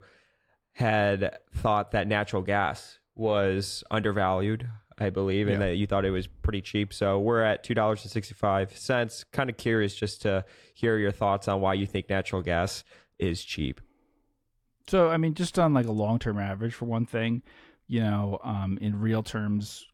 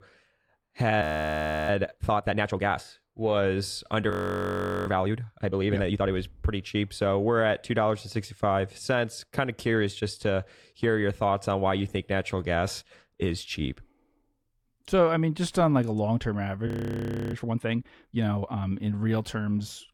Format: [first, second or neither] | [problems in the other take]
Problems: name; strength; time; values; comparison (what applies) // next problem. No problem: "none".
first | audio freezing; at 1 s for 0.5 s, at 4 s for 1 s and at 17 s for 0.5 s